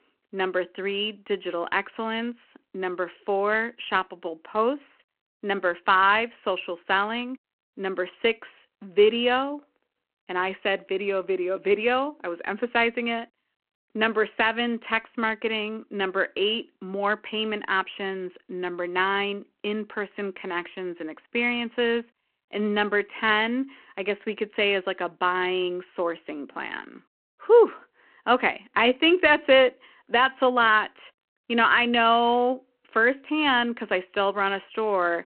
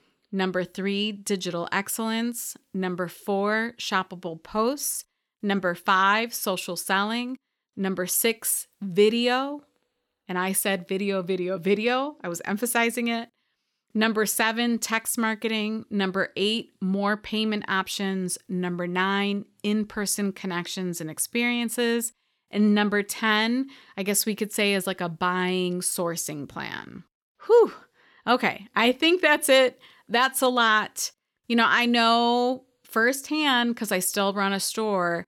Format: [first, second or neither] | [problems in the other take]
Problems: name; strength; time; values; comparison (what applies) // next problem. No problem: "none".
second | phone-call audio